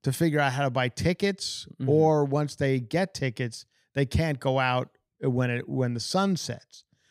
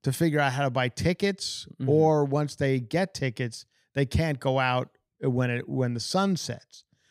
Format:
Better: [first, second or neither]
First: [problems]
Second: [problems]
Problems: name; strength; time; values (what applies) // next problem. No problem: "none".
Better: neither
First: none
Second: none